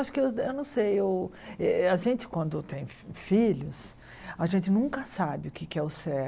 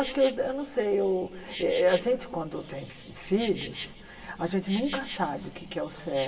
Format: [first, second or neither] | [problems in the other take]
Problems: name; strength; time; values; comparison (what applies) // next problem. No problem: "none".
first | background sound (Insect); 15 dB below the speech // room echo; dies away in 2.9 s